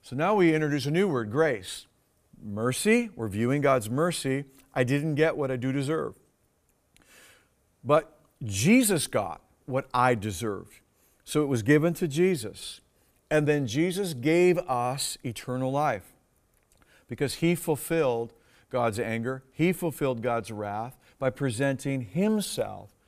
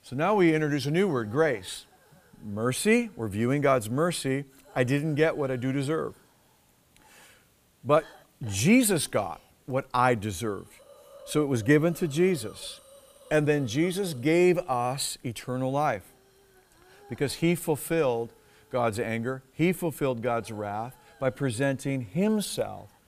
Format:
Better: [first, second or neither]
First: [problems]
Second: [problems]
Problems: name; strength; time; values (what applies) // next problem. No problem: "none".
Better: first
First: none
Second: hiss; faint; throughout; 30 dB below the speech